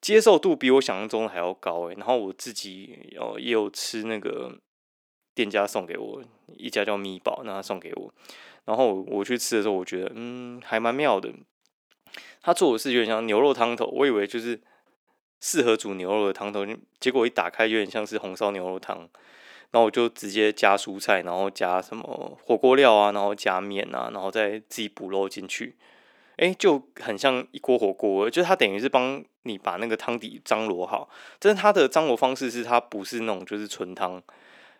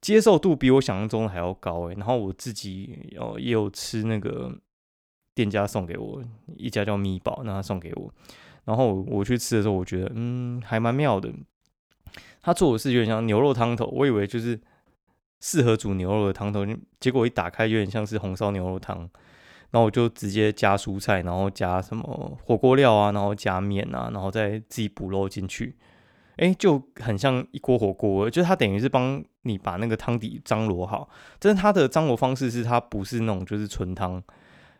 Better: second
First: thin; somewhat; fading below 300 Hz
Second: none

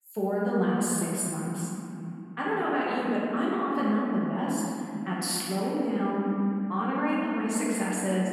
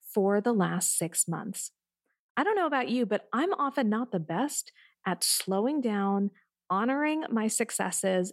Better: second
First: room echo; strong; dies away in 3 s // off-mic speech; far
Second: none

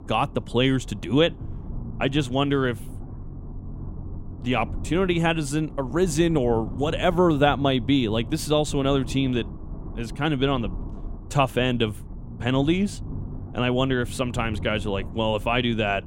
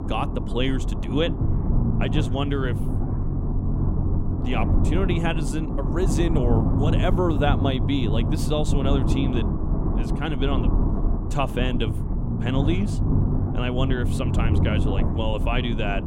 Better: first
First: low rumble; faint; throughout; 20 dB below the speech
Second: low rumble; loud; throughout; 5 dB below the speech

